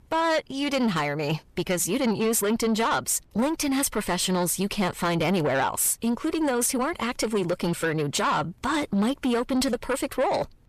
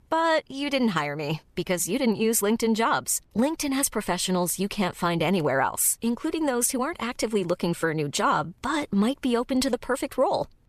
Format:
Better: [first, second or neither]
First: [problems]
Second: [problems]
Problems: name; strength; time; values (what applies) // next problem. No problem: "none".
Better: second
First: distortion; slight; 10 dB below the speech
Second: none